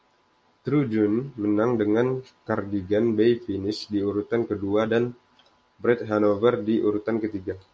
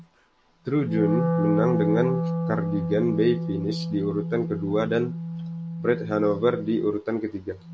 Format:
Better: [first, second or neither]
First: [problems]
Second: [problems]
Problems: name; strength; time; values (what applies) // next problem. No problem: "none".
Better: first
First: none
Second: background sound (Wind instrument, woodwind instrument); 2 dB below the speech